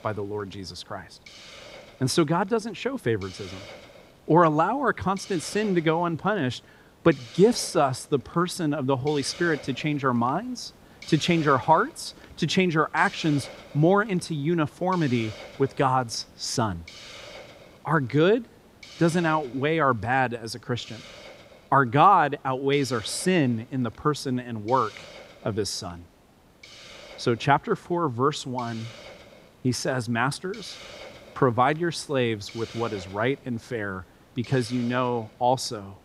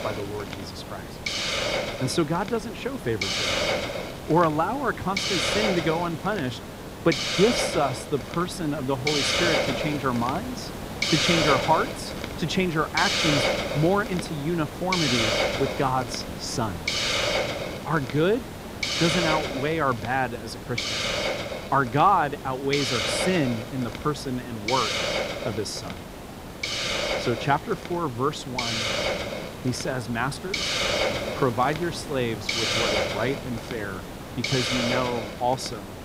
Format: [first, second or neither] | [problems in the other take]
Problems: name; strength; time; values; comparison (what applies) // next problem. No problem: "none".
first | hiss; loud; throughout; 1 dB below the speech; faint in the first